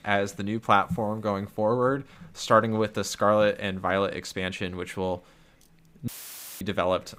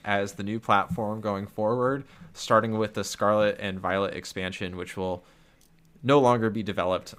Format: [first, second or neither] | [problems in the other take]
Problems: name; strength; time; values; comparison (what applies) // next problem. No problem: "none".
second | audio cutting out; filled with static; at 6 s for 0.5 s